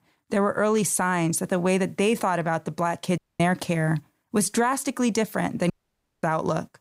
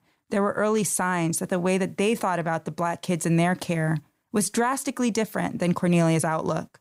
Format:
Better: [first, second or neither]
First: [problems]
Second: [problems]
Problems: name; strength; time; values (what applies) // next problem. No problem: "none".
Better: second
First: audio cutting out; at 3 s and at 5.5 s for 0.5 s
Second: none